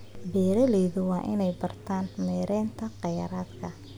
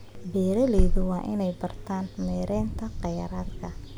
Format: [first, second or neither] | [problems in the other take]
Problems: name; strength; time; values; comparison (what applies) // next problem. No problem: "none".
first | background sound (Wind); as loud as the speech